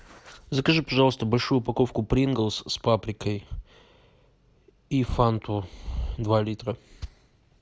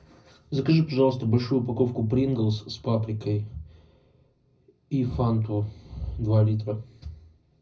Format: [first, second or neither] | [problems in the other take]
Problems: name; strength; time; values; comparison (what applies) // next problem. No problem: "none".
first | room echo; dies away in 0.4 s